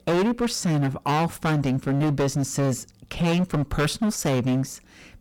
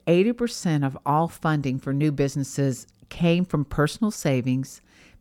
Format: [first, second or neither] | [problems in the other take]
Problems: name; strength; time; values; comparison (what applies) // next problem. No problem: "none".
second | distortion; heavy; 23% of the sound clipped